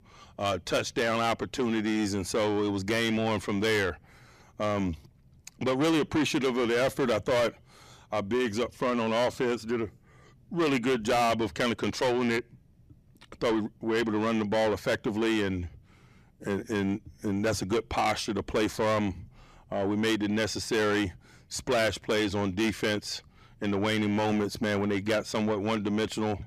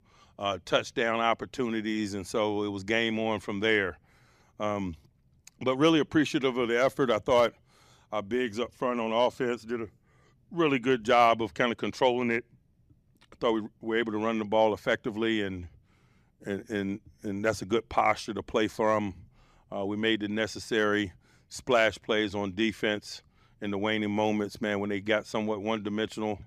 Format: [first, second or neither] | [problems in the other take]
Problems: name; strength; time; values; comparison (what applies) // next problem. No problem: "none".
second | distortion; heavy; 6 dB below the speech